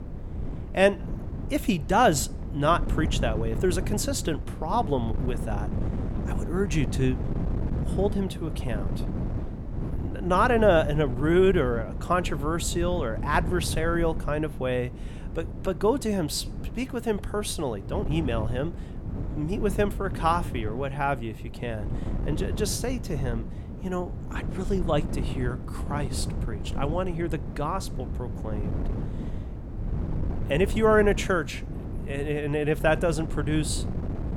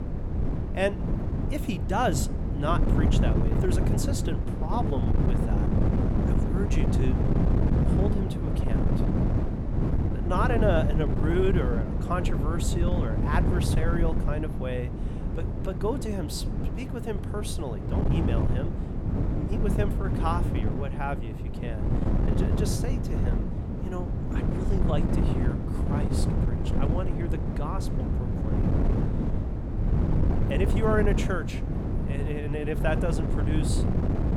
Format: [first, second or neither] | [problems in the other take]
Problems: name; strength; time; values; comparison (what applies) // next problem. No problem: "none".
first | wind noise on the microphone; heavy; 3 dB below the speech; occasional gusts in the first